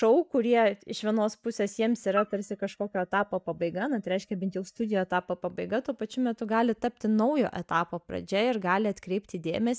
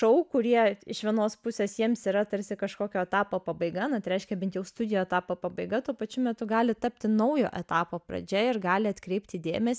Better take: second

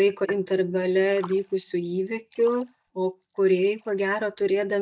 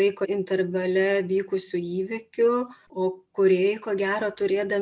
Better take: second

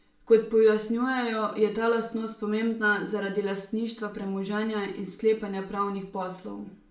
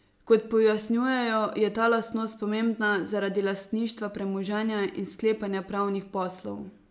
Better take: second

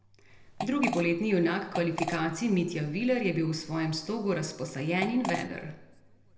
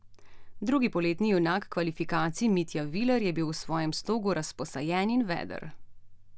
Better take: second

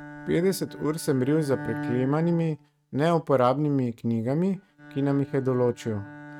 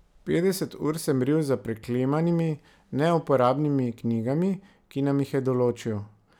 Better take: second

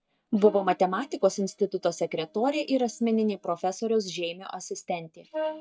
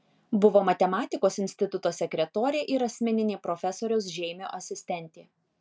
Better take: second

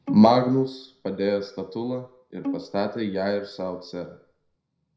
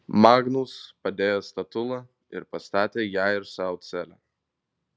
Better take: second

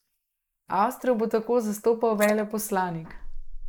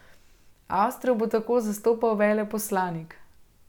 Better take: second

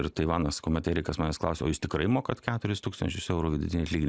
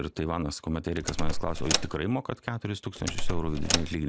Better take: first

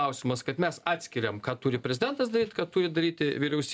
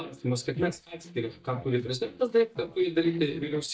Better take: first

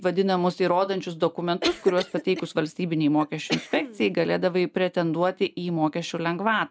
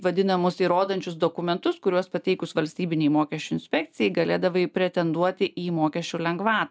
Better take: second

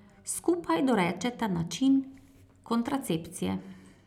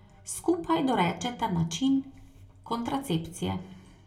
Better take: first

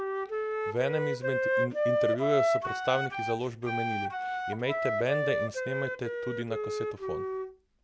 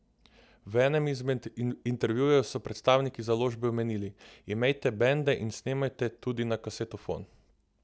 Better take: second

